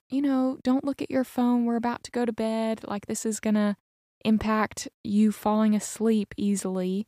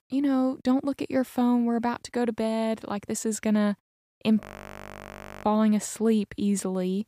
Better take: first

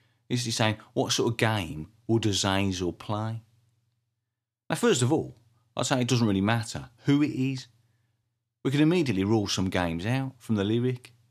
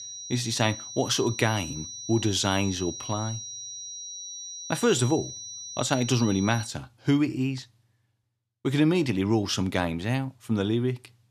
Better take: first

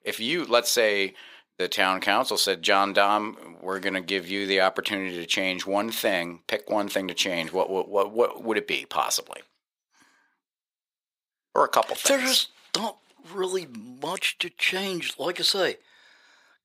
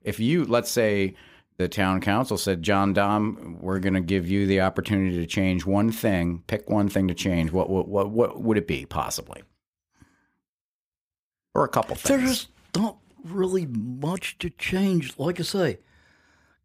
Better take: second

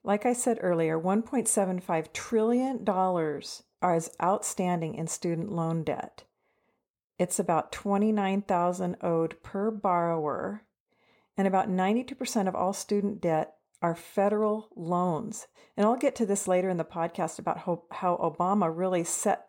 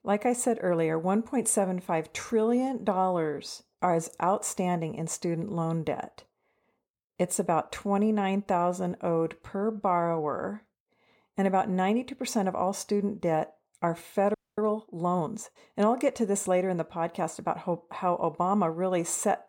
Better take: first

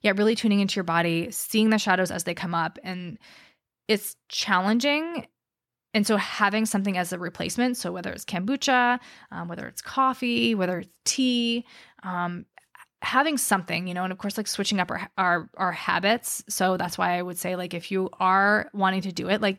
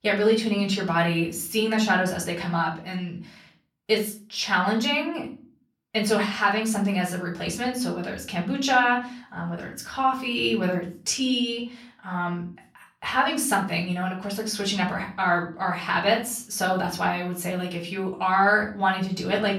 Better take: first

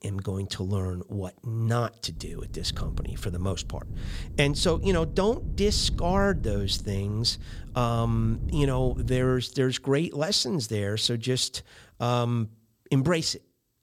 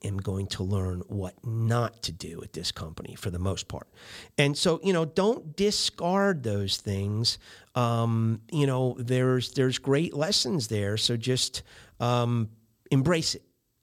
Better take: second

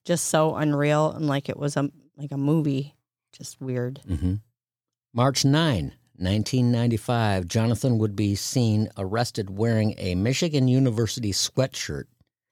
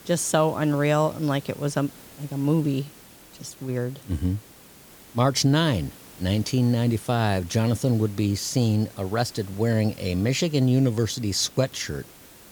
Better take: first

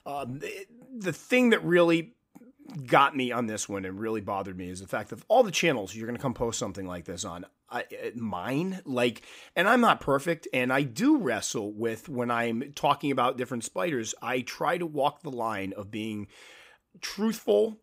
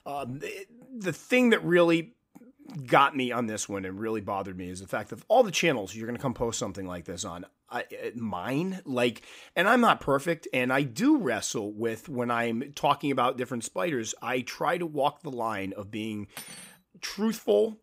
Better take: first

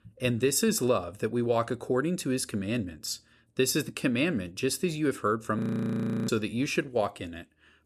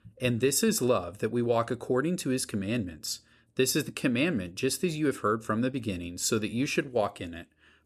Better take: second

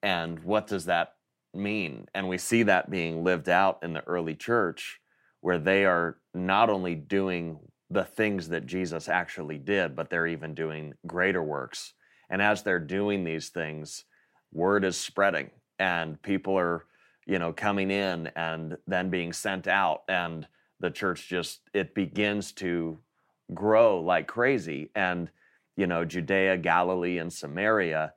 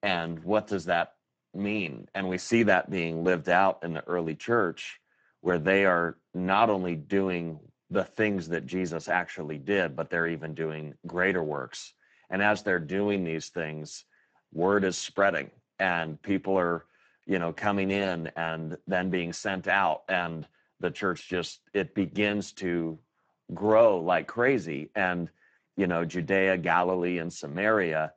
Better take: first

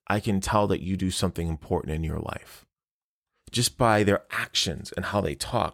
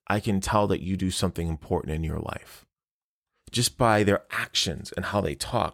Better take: neither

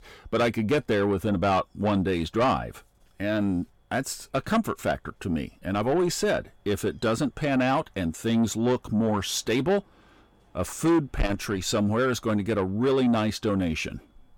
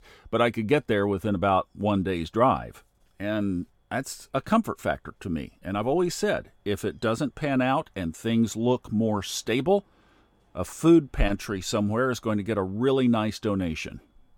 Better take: second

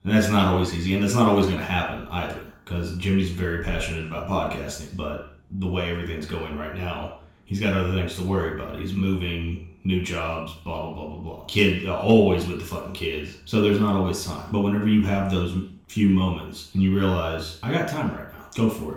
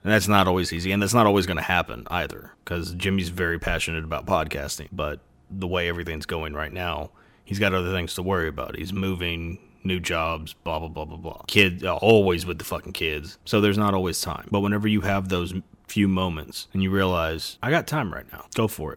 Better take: second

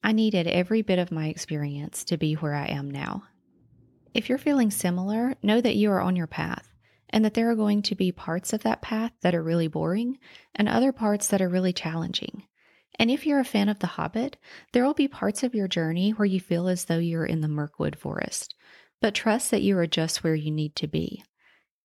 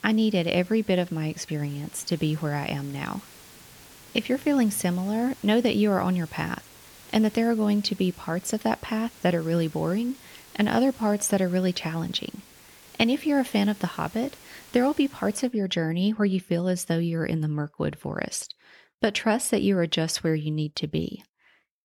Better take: first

